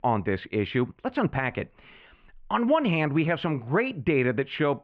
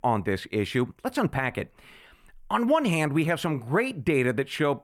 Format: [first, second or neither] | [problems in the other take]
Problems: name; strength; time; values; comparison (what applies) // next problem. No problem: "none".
second | muffled; slightly; fading above 3 kHz